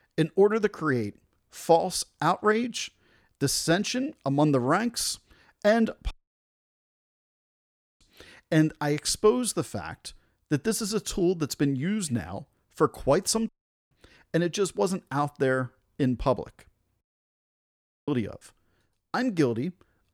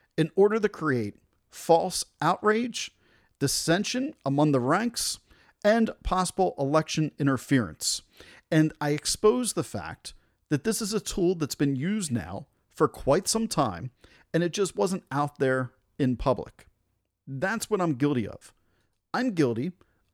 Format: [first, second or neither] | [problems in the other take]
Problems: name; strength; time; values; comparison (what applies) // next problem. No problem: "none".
second | audio cutting out; at 6 s for 2 s, at 13 s and at 17 s for 1 s